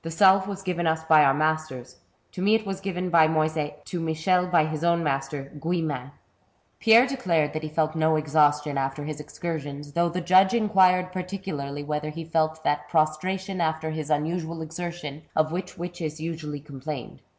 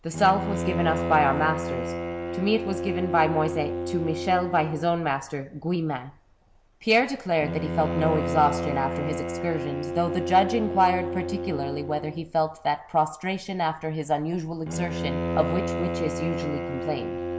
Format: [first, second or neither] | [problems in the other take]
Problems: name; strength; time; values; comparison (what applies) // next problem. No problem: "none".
first | background sound (Bowed string instrument); 5 dB below the speech